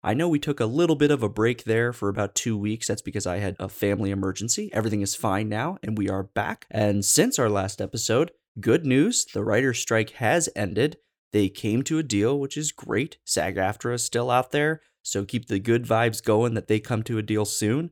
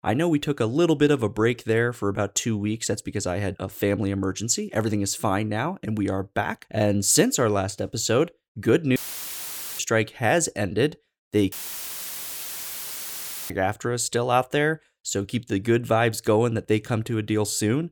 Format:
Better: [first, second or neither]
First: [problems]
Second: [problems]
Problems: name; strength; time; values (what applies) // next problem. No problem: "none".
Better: first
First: none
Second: audio cutting out; filled with static; at 9 s for 1 s and at 12 s for 2 s